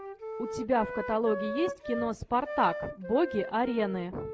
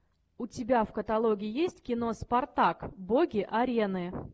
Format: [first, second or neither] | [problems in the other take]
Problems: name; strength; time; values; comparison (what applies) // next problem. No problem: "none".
second | background sound (Wind instrument, woodwind instrument); 8 dB below the speech